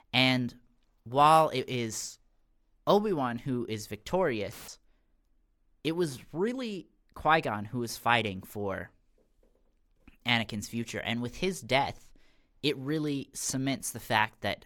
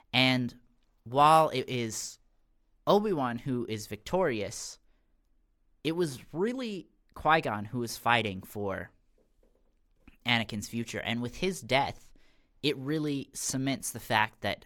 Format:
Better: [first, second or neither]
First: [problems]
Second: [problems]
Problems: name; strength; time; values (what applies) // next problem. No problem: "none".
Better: second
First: audio cutting out; filled with static; at 4.5 s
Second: none